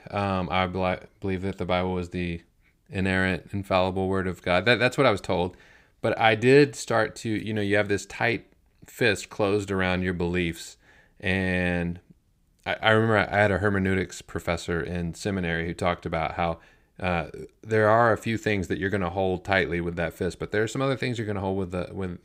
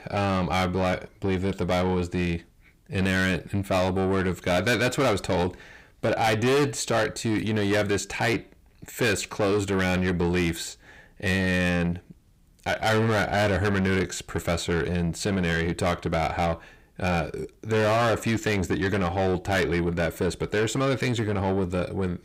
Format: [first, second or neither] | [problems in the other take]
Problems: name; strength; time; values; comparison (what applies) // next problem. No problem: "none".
first | distortion; heavy; 6 dB below the speech